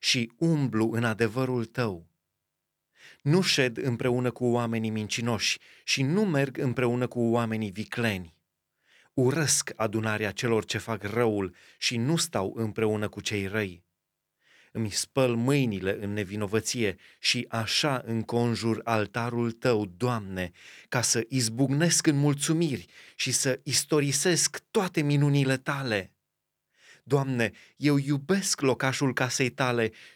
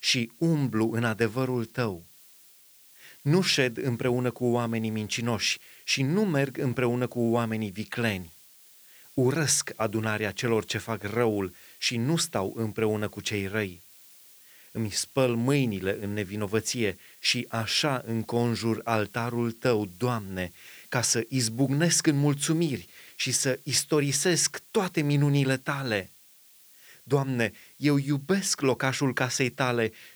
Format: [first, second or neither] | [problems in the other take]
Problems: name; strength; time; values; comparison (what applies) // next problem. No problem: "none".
first | hiss; faint; throughout; 25 dB below the speech